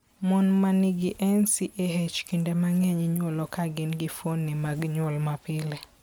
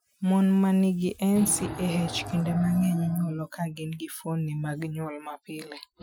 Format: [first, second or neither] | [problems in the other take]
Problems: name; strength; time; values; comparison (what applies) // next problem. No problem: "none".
first | noise reduction (classical method Wiener filter)